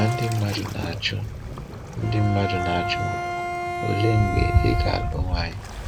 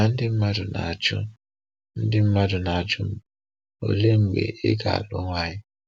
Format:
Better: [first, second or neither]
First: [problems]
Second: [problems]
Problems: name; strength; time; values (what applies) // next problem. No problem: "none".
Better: second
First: background sound (Bowed string instrument + Waves, surf); as loud as the speech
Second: none